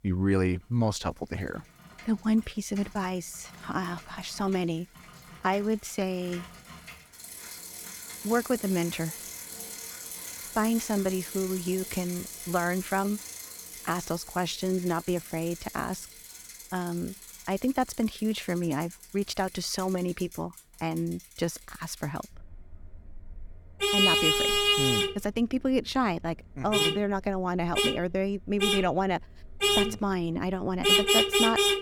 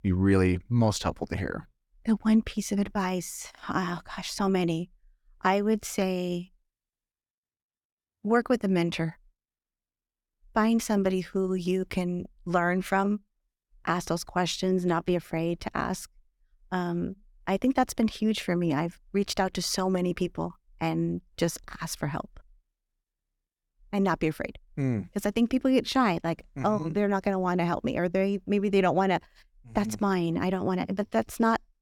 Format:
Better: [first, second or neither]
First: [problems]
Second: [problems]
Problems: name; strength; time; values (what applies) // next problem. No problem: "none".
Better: second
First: traffic noise; very loud; throughout; 3 dB above the speech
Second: none